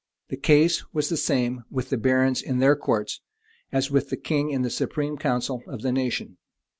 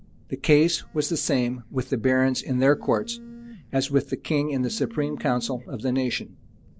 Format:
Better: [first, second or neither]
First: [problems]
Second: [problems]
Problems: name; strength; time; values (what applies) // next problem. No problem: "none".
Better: first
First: none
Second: background sound (Telephone); 19 dB below the speech